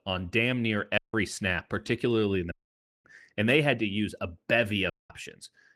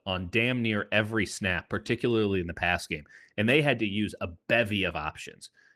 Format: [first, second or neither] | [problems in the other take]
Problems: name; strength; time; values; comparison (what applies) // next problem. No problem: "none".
second | audio cutting out; at 1 s, at 2.5 s for 0.5 s and at 5 s